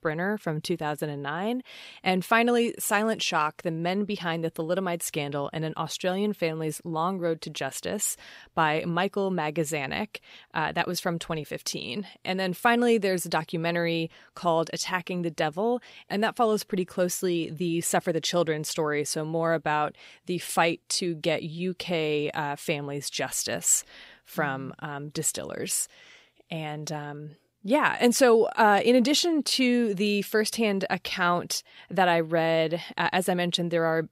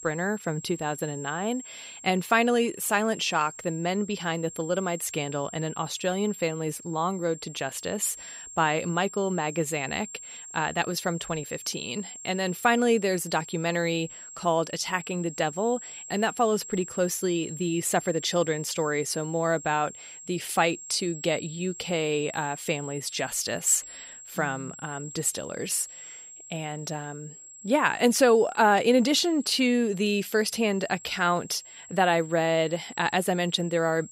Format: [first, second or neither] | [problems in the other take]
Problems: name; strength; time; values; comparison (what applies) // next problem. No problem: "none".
first | high-pitched whine; noticeable; throughout; 7.5 kHz, 15 dB below the speech